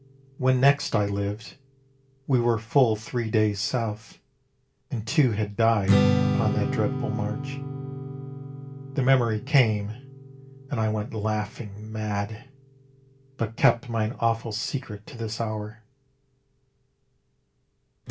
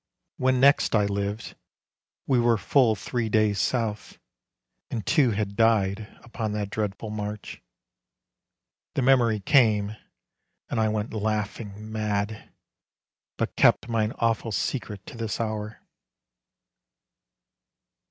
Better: second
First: background sound (Strum); 6 dB below the speech // room echo; dies away in 0.2 s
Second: none

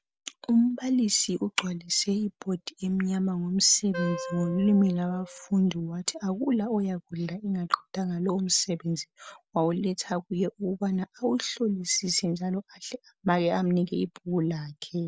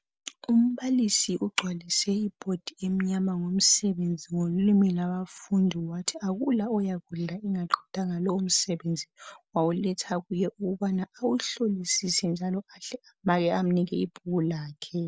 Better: second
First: background sound (Wind instrument, woodwind instrument); 12 dB below the speech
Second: none

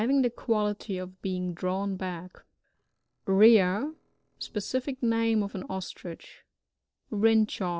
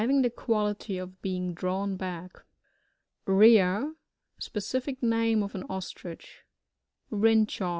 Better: second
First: noise reduction (neural separator model SepFormer DNS4)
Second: none

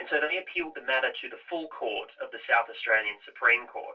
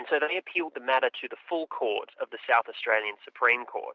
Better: second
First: room echo; dies away in 0.1 s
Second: none

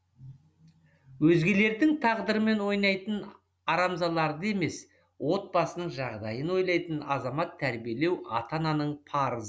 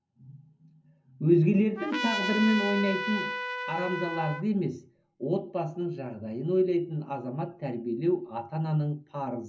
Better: first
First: none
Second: background sound (Trumpet); 5 dB below the speech // room echo; dies away in 0.3 s

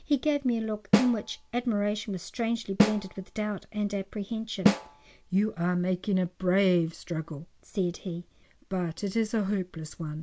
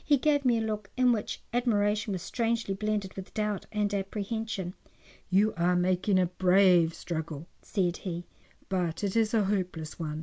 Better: second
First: background sound (Snare drum); 1 dB below the speech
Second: none

